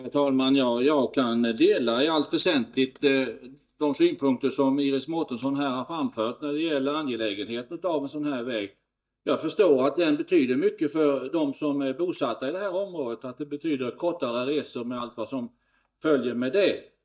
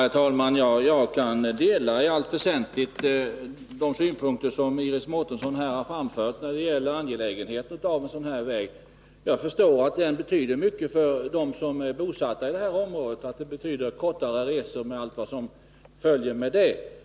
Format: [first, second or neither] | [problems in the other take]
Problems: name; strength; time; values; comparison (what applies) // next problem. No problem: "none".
second | noise reduction (neural mask model DeepFilterNet 3)